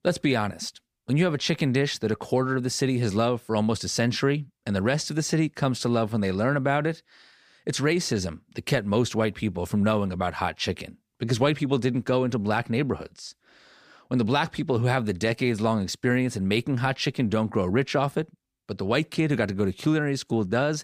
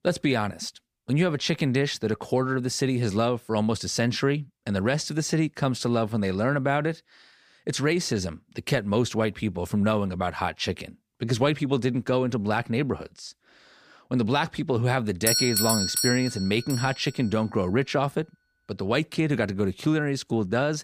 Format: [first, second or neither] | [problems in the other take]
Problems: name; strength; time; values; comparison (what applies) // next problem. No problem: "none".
first | doorbell; loud; from 15 to 17 s; peak 4 dB above the speech